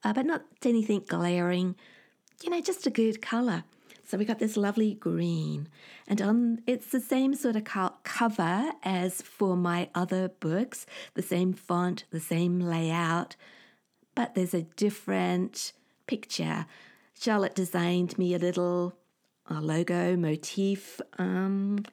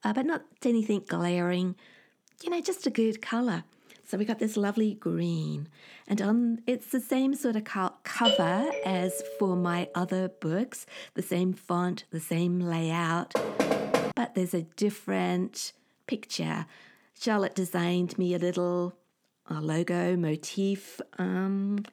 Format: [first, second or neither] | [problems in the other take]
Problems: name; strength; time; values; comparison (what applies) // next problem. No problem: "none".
first | doorbell; loud; from 8 to 9.5 s; peak 4 dB above the speech // door banging; loud; at 13 s; peak 4 dB above the speech